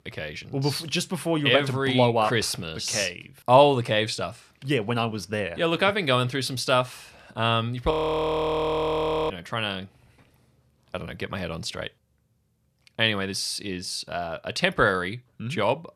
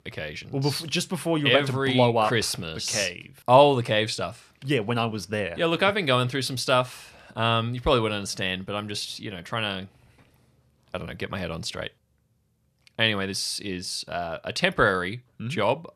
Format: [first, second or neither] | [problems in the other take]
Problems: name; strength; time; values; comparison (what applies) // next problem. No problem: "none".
second | audio freezing; at 8 s for 1.5 s